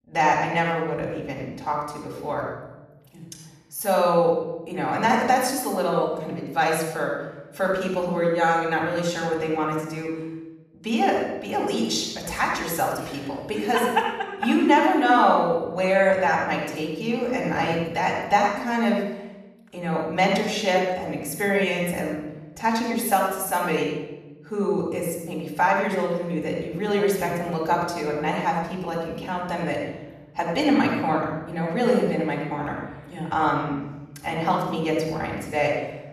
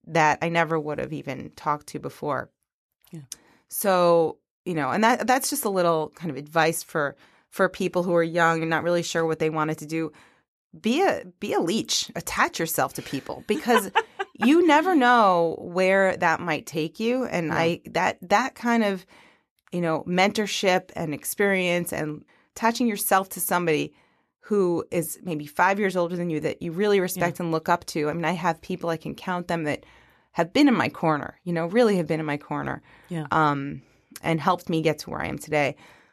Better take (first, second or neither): second